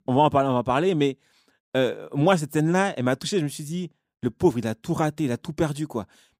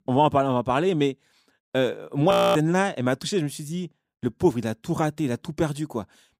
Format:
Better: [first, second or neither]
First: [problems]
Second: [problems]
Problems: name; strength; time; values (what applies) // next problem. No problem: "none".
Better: first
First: none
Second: audio freezing; at 2.5 s